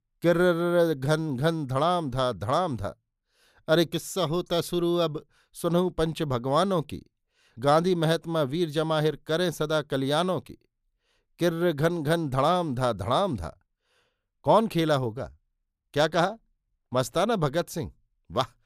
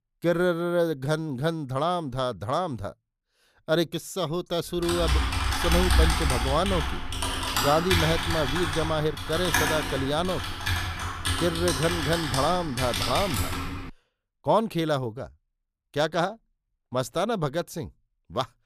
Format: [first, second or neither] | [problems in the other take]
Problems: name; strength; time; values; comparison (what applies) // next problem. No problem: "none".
first | keyboard typing; loud; from 5 to 14 s; peak 6 dB above the speech